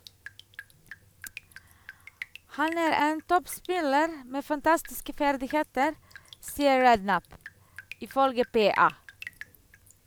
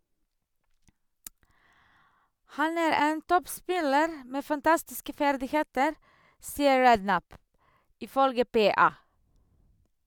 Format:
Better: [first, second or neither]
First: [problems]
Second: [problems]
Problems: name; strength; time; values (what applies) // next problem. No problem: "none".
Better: second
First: background sound (Drip); 19 dB below the speech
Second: none